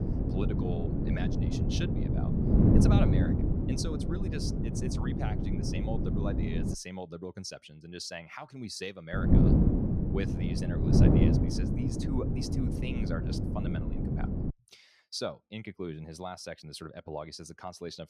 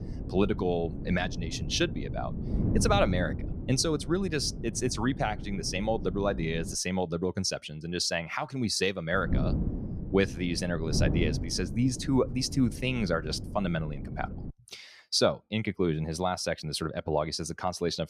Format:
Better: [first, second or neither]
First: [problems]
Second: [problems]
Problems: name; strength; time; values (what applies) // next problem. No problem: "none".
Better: second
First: wind noise on the microphone; heavy; until 6.5 s and from 9 to 15 s; 4 dB above the speech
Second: wind noise on the microphone; occasional gusts; until 6.5 s and from 9 to 15 s; 15 dB below the speech